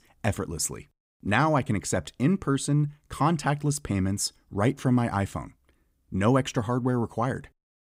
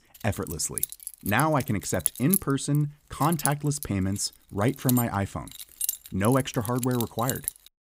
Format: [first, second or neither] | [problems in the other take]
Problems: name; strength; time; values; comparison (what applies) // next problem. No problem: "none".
first | jangling keys; loud; from 0.5 s on; peak 2 dB above the speech